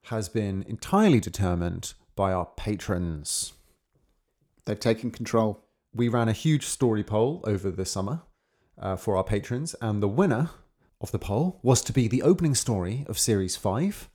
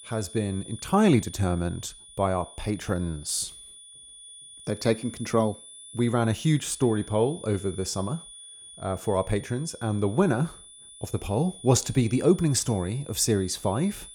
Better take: first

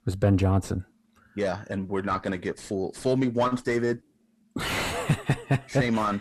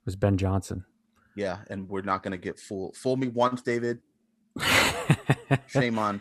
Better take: second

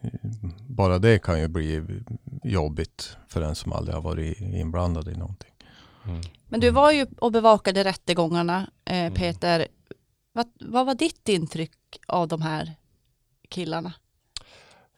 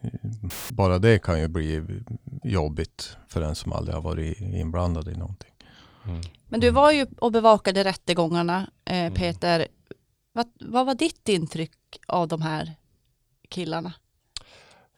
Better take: first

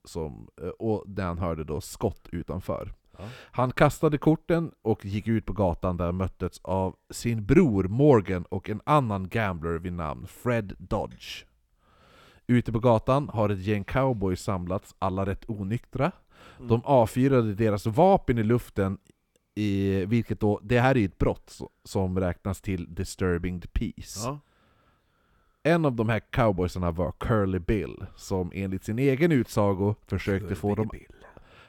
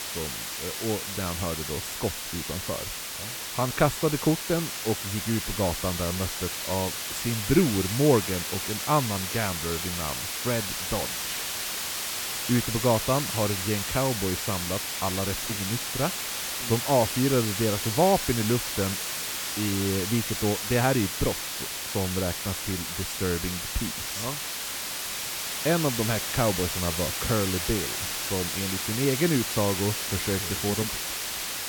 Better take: first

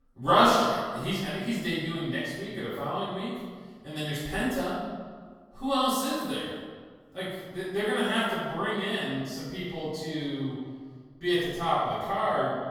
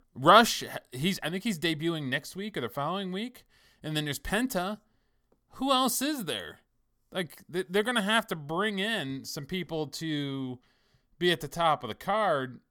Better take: second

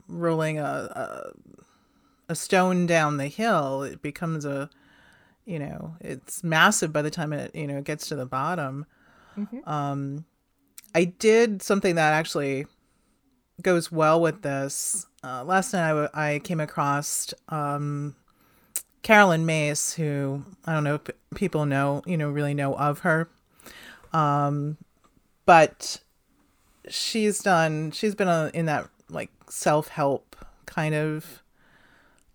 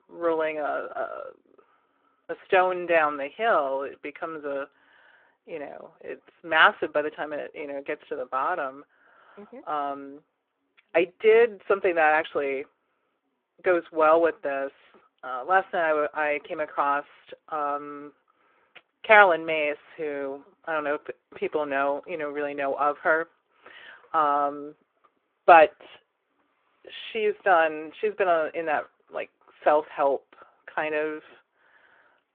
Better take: first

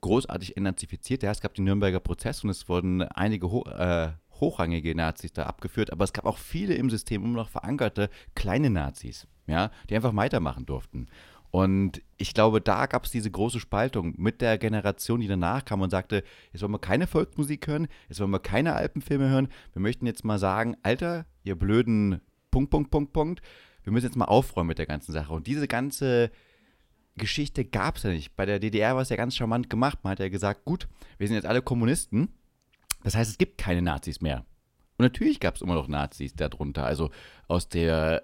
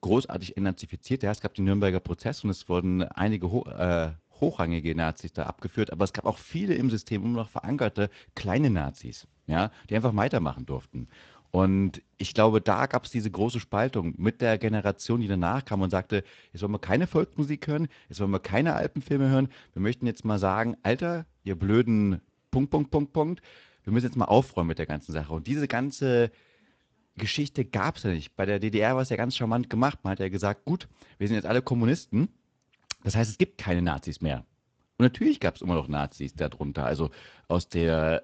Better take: first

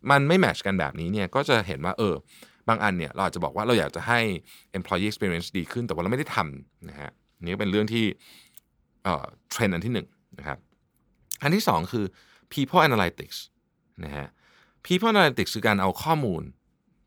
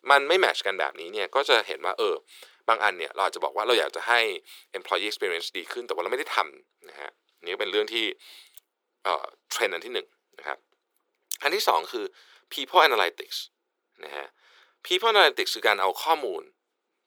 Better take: first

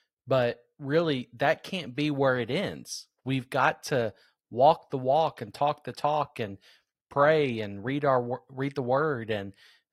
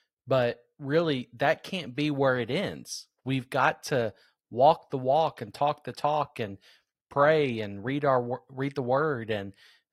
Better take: neither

